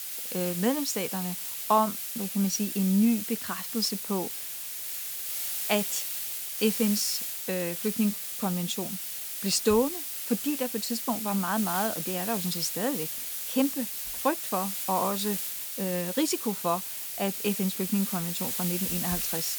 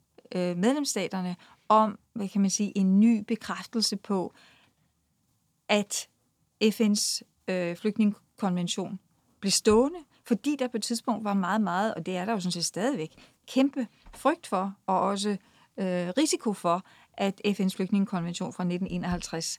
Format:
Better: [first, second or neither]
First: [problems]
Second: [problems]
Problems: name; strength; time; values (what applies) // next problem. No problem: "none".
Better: second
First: hiss; loud; throughout; 2 dB below the speech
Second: none